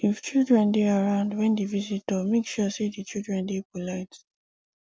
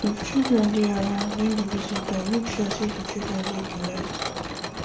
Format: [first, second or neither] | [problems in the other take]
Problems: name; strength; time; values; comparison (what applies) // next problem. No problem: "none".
first | background sound (Mechanisms); 6 dB below the speech // room echo; dies away in 0.4 s